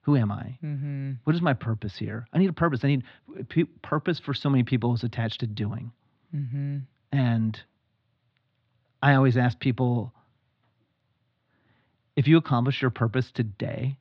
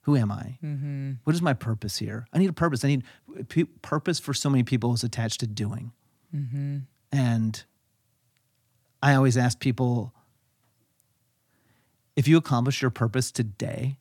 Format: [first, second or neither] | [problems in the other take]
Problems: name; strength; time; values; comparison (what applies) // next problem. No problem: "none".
second | muffled; slightly; fading above 4 kHz